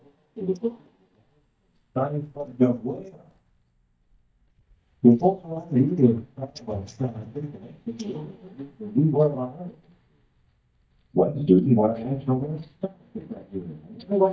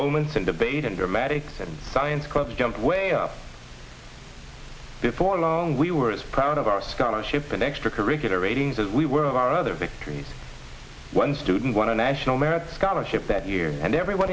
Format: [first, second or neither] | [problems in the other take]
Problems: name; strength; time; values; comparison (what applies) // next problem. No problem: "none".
second | noise reduction (neural mask model DeepFilterNet 3)